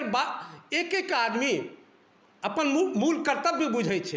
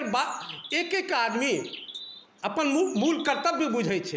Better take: first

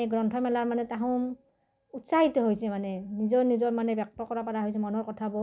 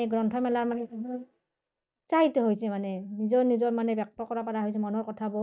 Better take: first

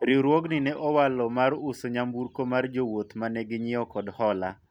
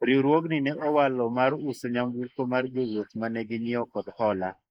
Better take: first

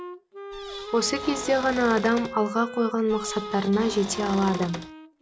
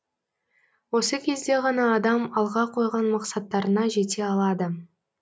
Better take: second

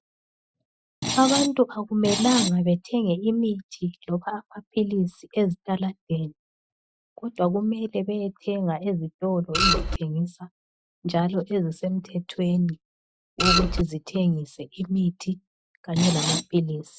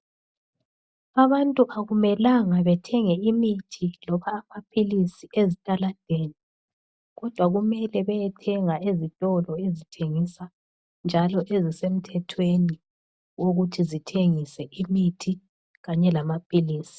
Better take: second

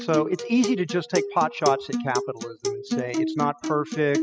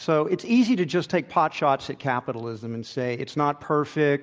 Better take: second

